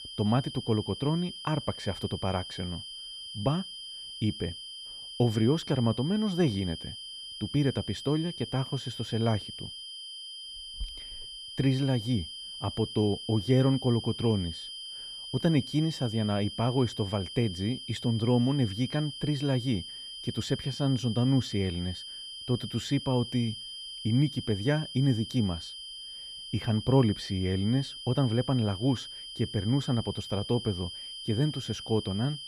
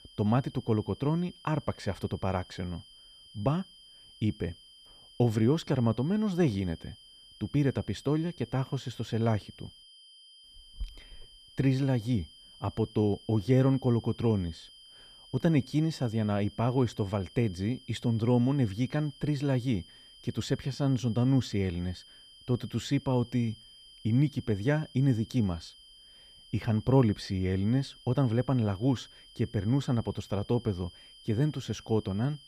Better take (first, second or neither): second